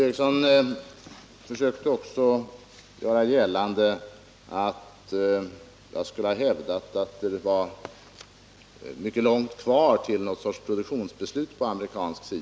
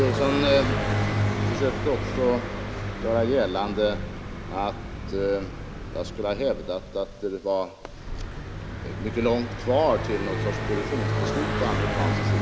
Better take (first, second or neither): first